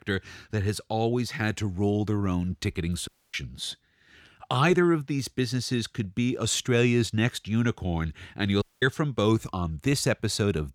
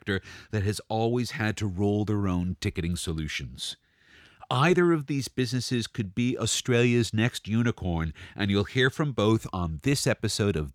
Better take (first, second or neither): second